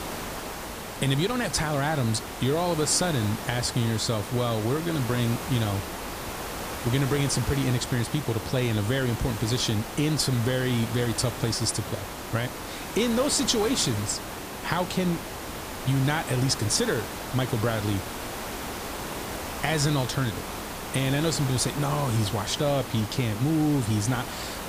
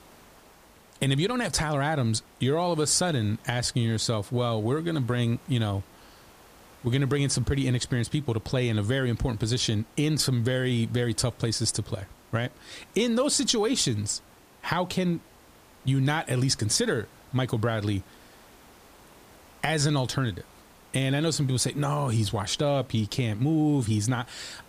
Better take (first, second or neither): second